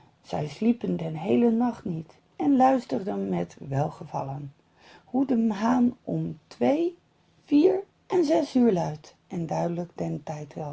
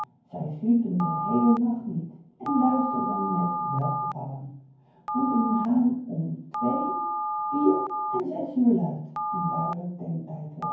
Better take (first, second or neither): first